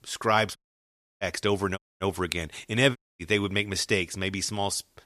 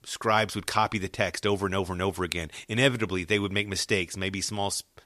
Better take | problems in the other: second | audio cutting out; at 0.5 s for 0.5 s, at 2 s and at 3 s

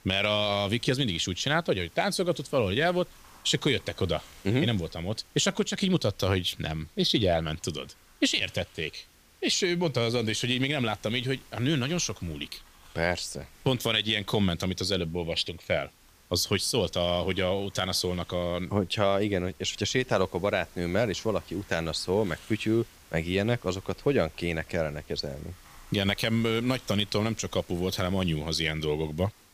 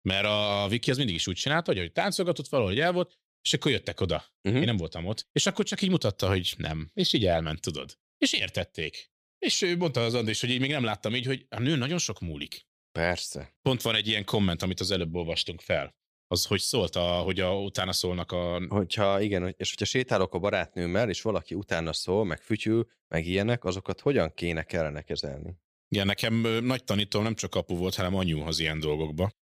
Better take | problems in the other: second | hiss; faint; throughout; 25 dB below the speech

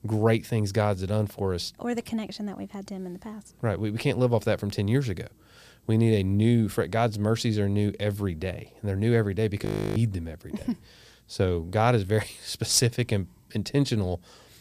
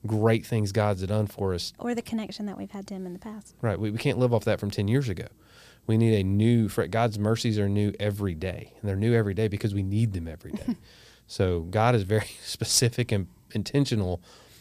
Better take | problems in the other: second | audio freezing; at 9.5 s

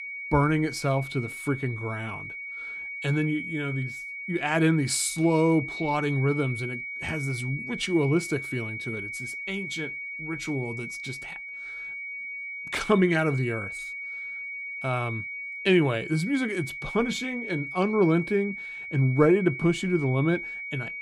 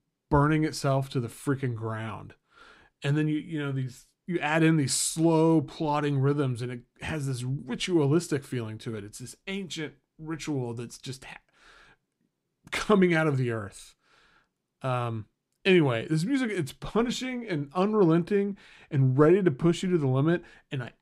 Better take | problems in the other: second | high-pitched whine; loud; throughout; 2 kHz, 8 dB below the speech

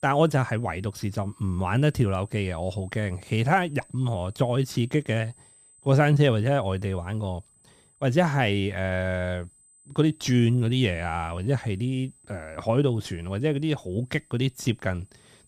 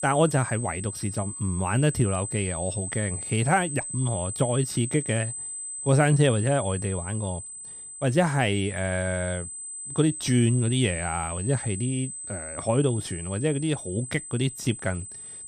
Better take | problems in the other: first | high-pitched whine; loud; throughout; 8 kHz, 7 dB below the speech; faint in the first

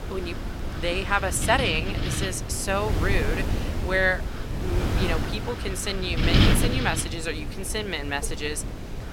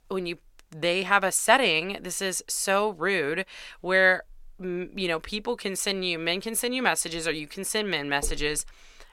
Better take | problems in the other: second | wind noise on the microphone; heavy; 6 dB below the speech

